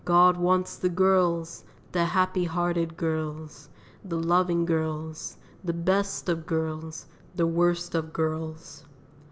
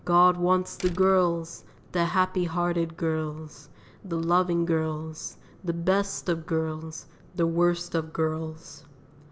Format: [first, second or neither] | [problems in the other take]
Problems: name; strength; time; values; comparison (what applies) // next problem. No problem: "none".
first | background sound (Slam); 15 dB below the speech